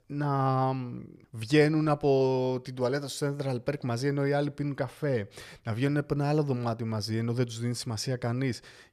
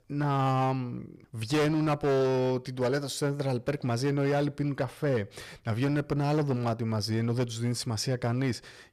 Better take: first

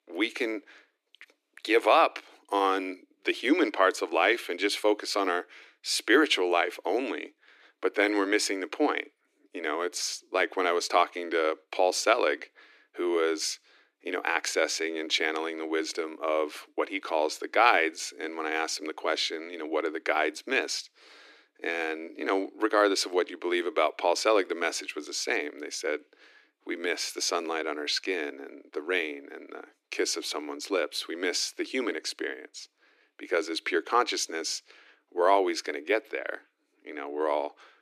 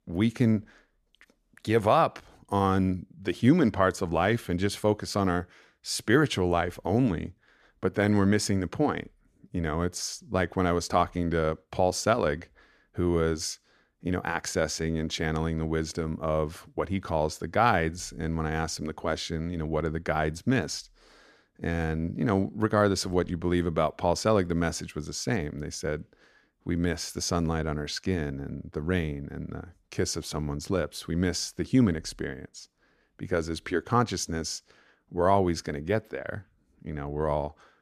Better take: second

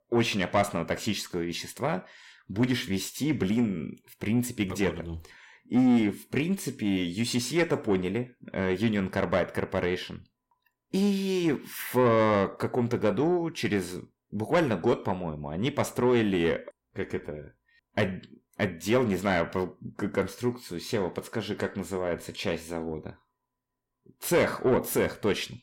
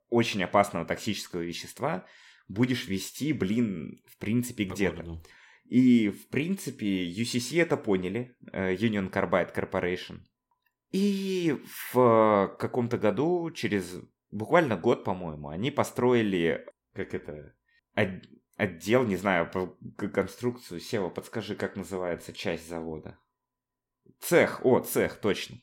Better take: second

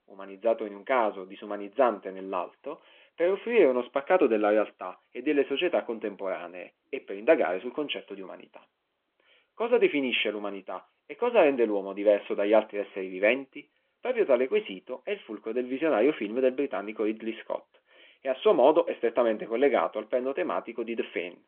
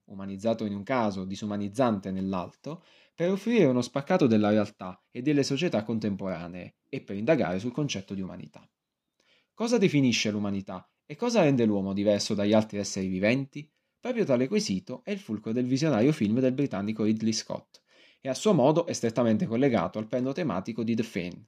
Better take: second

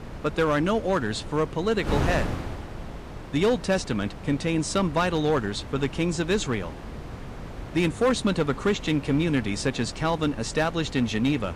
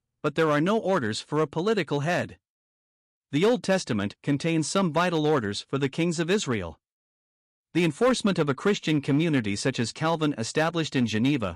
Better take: second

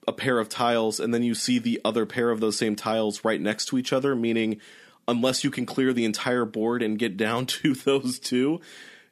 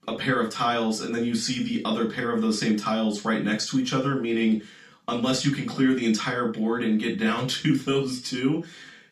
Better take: first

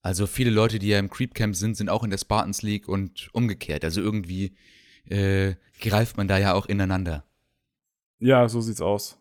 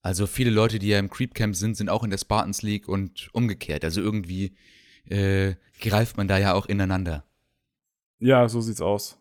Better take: neither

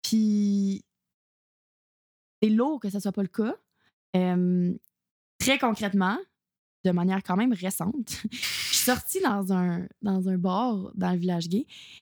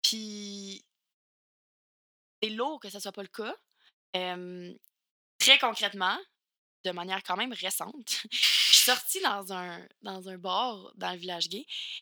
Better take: first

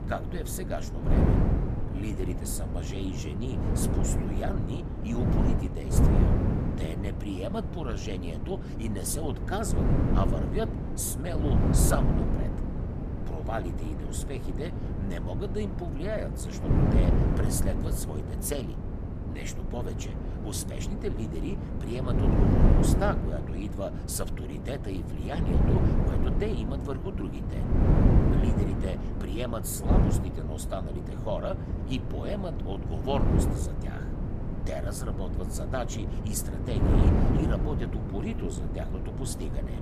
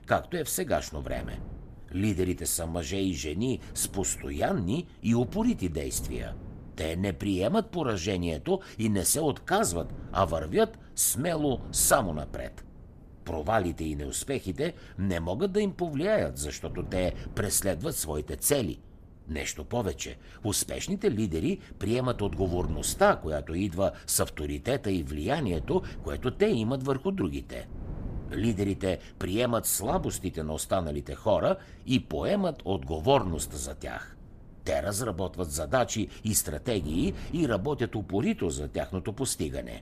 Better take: second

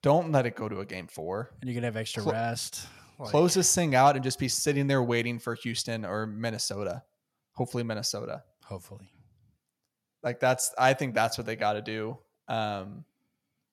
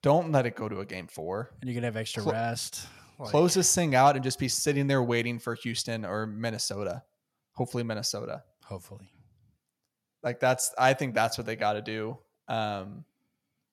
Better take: neither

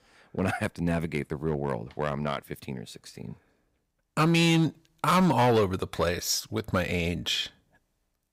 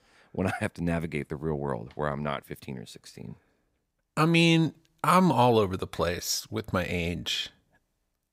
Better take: second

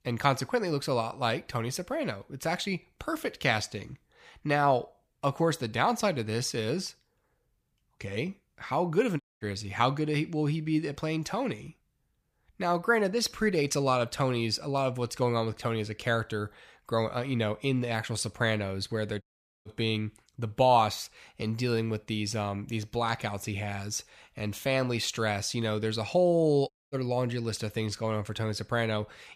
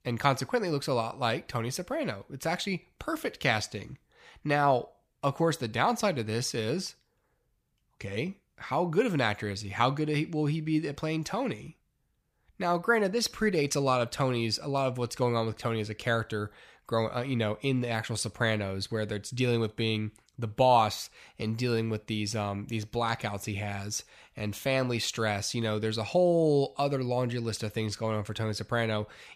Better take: second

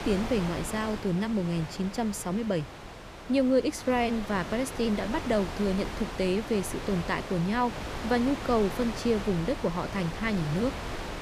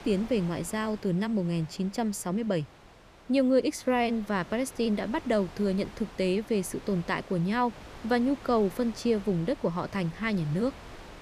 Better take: second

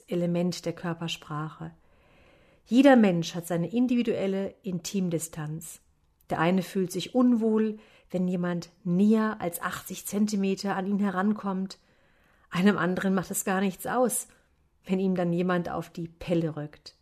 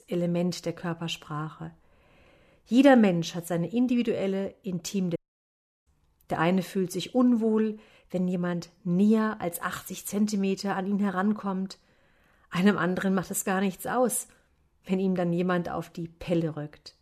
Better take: first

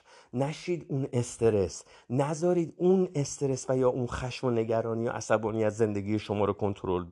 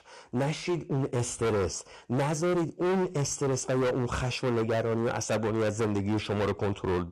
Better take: first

